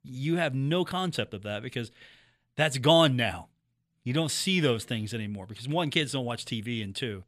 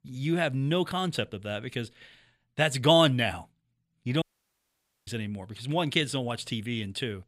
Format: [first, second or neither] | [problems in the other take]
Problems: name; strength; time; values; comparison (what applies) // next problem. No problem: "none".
first | audio cutting out; at 4 s for 1 s